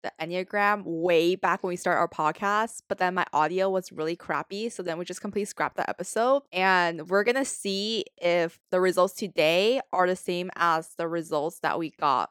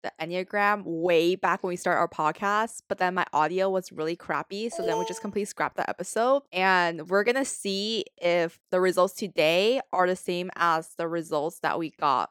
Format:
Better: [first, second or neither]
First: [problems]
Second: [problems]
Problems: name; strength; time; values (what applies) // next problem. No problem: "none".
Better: first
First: none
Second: alarm; noticeable; at 4.5 s; peak 4 dB below the speech